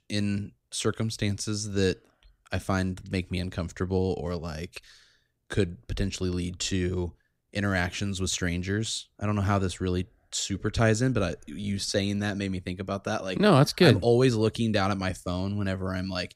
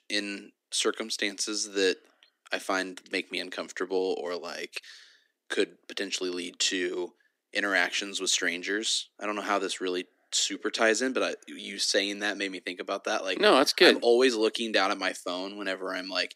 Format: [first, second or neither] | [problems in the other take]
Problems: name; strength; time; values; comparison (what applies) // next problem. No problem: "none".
first | thin; somewhat; fading below 250 Hz